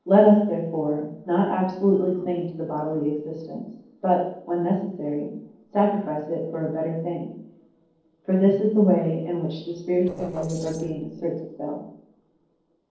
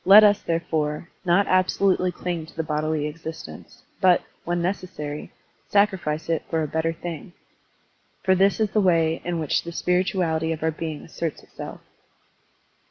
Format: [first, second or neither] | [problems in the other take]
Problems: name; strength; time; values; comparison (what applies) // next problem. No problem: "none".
second | noise reduction (neural separator model SepFormer DNS4)